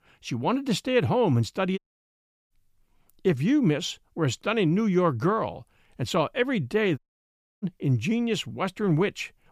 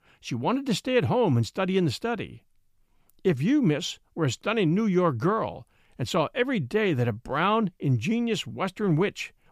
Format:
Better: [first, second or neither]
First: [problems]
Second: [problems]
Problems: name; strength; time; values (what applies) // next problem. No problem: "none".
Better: second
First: audio cutting out; at 2 s for 0.5 s and at 7 s for 0.5 s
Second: none